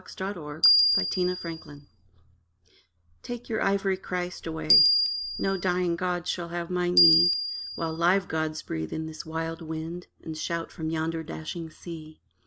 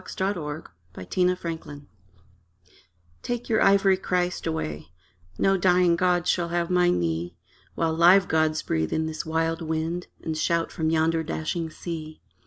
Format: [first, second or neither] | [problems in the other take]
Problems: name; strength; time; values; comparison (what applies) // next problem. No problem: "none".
second | background sound (Bell); 5 dB above the speech